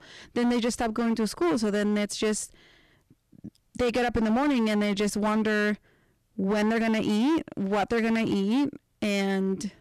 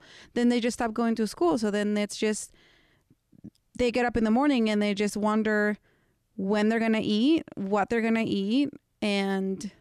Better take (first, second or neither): second